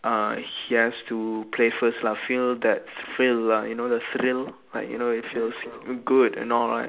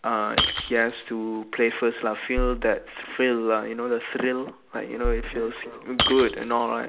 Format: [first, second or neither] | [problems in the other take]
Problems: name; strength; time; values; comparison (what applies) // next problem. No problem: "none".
first | background sound (Bass drum + Shatter); 6 dB below the speech